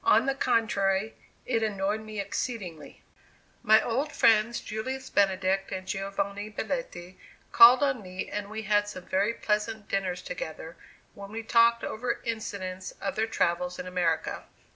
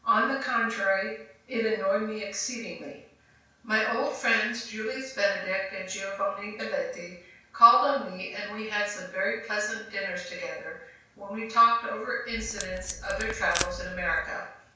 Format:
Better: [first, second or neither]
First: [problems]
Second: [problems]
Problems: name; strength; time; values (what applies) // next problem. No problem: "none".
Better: first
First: none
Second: background sound (Packing tape, duct tape); 9 dB below the speech // room echo; dies away in 0.5 s